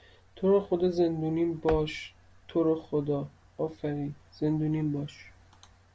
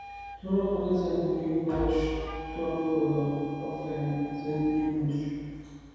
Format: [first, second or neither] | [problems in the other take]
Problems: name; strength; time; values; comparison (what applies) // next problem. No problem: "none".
first | background sound (Wind instrument, woodwind instrument); 16 dB below the speech // room echo; dies away in 2.1 s